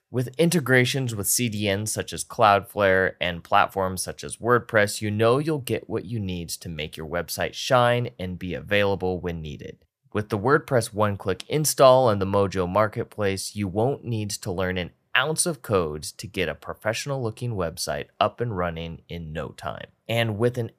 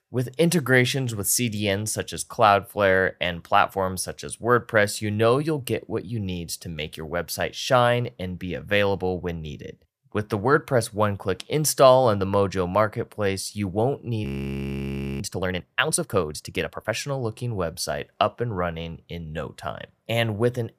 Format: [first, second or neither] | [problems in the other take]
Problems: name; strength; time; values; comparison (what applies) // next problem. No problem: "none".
first | audio freezing; at 14 s for 1 s